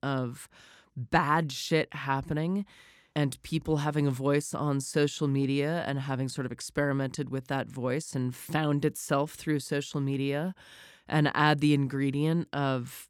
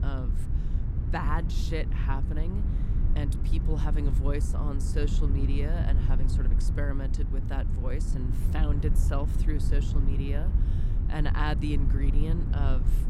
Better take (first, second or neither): first